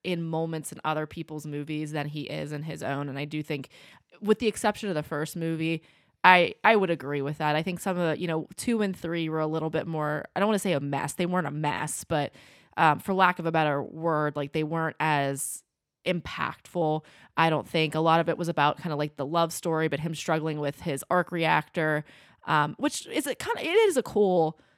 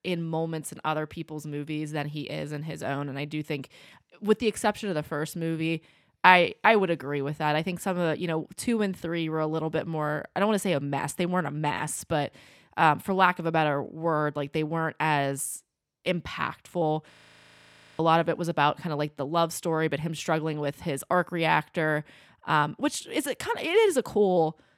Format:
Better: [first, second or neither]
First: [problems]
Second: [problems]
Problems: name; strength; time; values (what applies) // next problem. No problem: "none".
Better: first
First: none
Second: audio freezing; at 17 s for 1 s